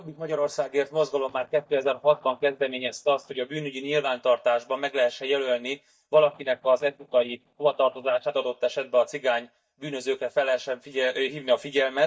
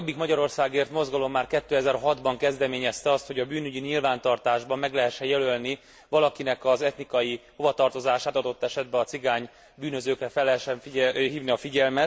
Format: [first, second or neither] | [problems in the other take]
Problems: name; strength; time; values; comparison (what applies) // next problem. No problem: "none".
second | noise reduction (neural mask model DeepFilterNet 3)